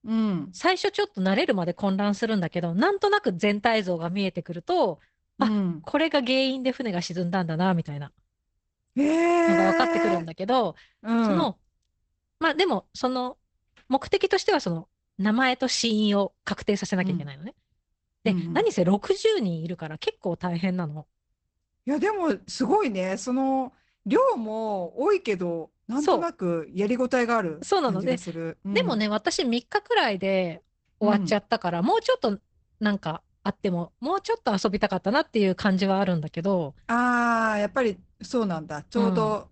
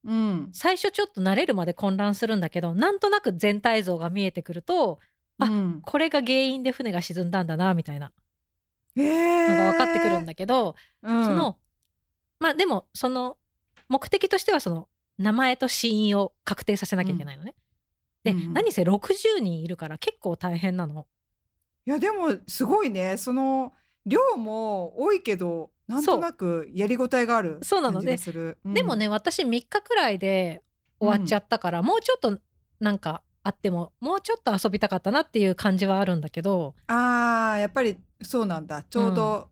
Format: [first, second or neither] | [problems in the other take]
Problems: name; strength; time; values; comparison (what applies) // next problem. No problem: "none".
second | garbled, watery; badly; nothing above 8 kHz; slightly in the second